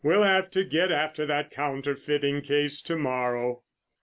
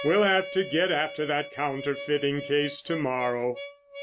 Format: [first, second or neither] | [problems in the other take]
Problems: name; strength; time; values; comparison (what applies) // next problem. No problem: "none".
first | background sound (Harmonica); 13 dB below the speech